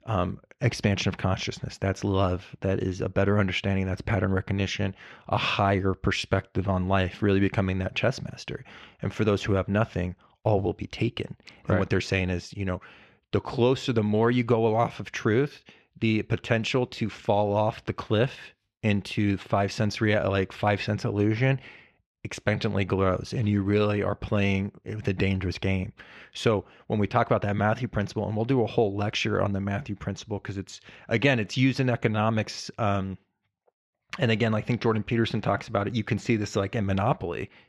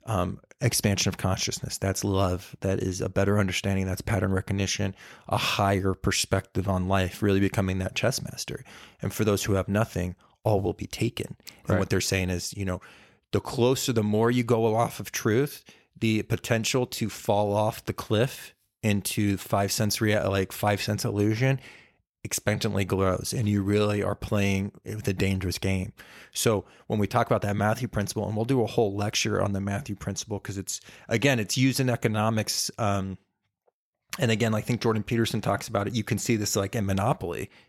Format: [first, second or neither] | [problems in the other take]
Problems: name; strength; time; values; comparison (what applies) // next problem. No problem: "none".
second | muffled; slightly; fading above 3 kHz